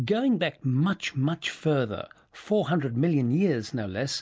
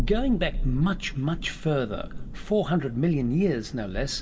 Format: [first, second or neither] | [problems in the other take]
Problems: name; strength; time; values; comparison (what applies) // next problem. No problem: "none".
first | background sound (Thunder); 6 dB below the speech // room echo; dies away in 1.4 s